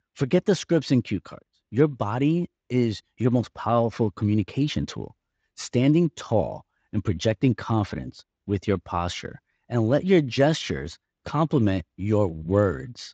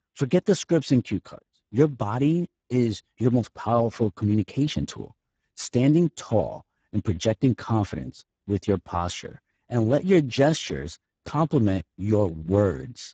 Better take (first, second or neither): first